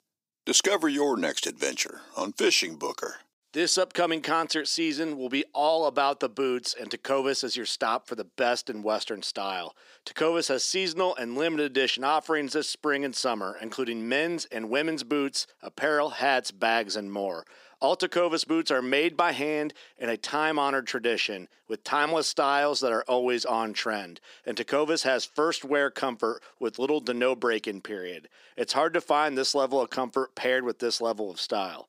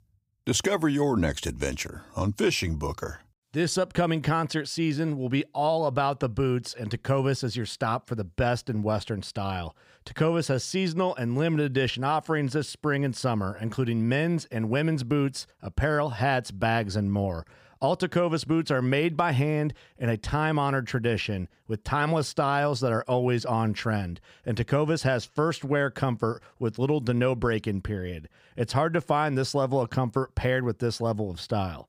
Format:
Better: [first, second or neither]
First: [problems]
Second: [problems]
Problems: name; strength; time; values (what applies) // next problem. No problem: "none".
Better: second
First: thin; somewhat; fading below 300 Hz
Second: none